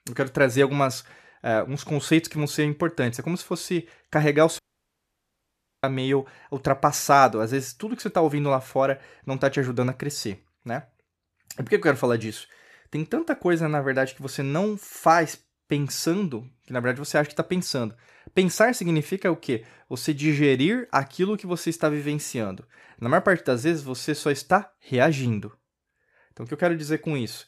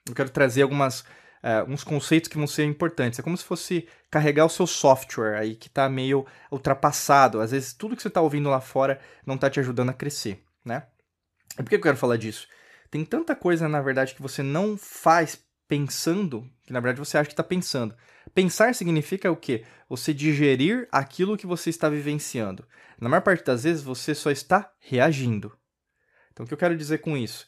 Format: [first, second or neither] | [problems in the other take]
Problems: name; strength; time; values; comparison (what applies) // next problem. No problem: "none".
second | audio cutting out; at 4.5 s for 1 s